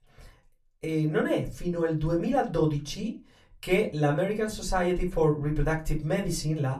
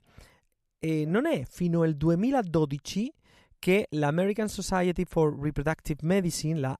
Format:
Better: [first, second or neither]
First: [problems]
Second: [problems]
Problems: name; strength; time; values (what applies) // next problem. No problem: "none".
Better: second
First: off-mic speech; far // room echo; very slight; dies away in 0.2 s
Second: none